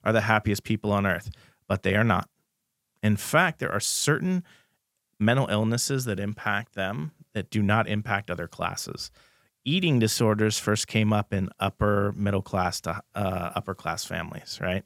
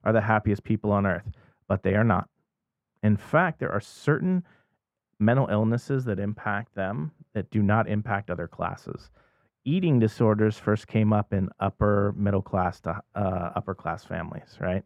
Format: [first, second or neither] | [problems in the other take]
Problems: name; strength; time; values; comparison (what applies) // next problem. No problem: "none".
first | muffled; very; fading above 2.5 kHz